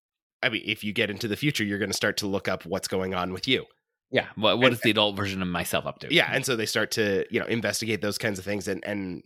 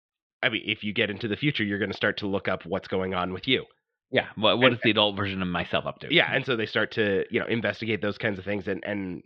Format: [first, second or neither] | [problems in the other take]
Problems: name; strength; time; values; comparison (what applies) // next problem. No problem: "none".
first | muffled; very; fading above 3.5 kHz